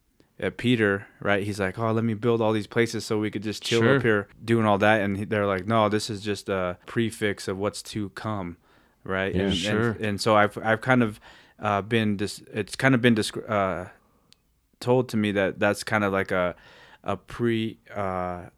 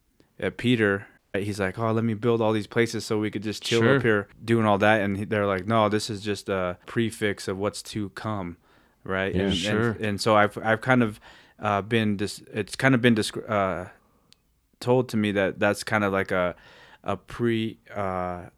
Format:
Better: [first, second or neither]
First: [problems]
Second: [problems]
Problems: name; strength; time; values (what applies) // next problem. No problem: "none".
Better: first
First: none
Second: audio cutting out; at 1 s